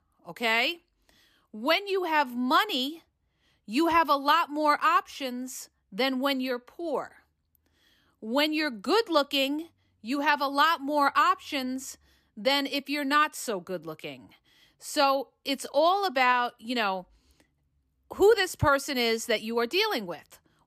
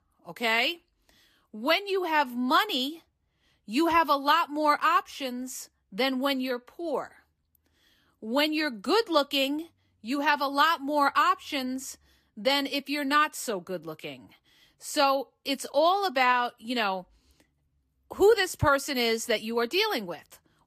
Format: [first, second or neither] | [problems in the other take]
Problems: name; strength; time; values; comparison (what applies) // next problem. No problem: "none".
first | garbled, watery; slightly; nothing above 14.5 kHz